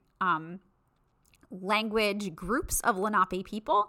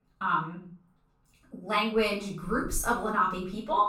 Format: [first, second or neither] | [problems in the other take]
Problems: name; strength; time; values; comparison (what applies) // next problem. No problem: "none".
first | room echo; noticeable; dies away in 0.4 s // off-mic speech; far